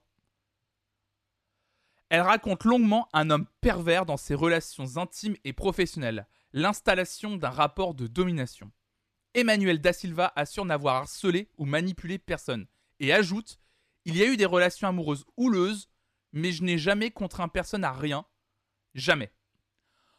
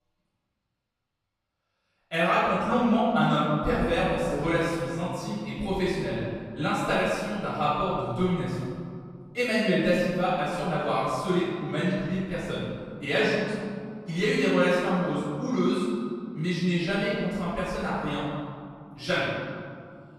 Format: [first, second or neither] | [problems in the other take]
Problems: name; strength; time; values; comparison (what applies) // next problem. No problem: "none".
first | off-mic speech; far // room echo; strong; dies away in 2 s